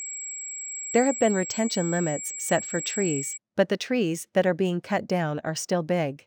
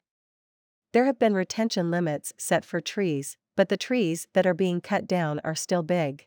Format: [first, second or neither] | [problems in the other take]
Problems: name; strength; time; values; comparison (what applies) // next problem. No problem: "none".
second | high-pitched whine; loud; until 3.5 s; 7.5 kHz, 6 dB below the speech